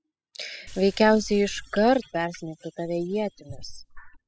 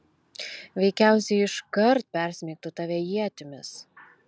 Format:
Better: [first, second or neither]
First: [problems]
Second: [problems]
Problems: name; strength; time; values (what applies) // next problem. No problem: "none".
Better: second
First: noise reduction (classical method spectral subtraction)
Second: none